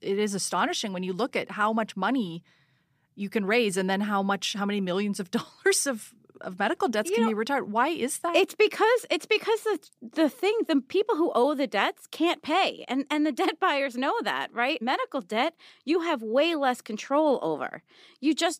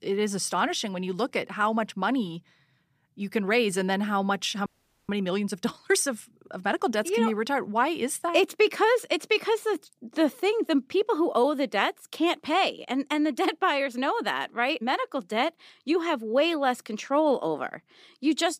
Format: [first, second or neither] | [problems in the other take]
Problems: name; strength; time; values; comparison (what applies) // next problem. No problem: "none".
first | audio freezing; at 4.5 s